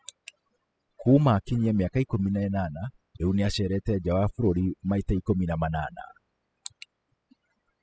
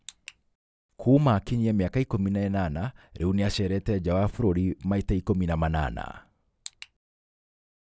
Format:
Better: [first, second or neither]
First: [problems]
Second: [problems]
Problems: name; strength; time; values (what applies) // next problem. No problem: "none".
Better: second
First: noise reduction (classical method spectral subtraction)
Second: none